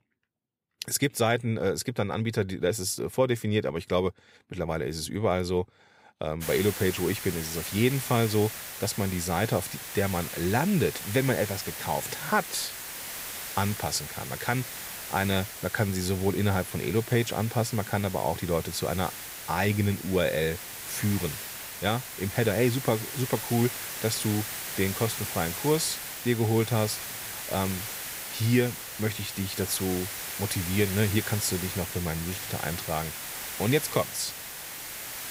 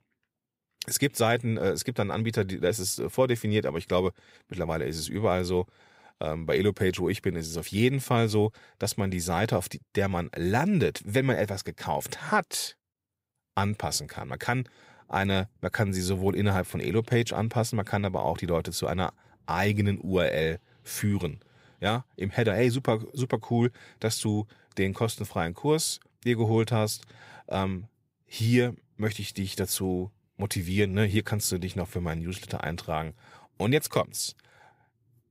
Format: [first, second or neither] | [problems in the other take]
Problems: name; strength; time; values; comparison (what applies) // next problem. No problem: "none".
second | hiss; loud; from 6.5 s on; 6 dB below the speech